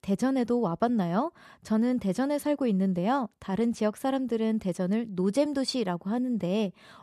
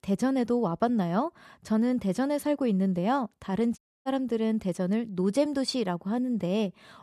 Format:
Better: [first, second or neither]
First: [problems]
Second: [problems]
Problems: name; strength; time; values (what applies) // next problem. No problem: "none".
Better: first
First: none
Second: audio cutting out; at 4 s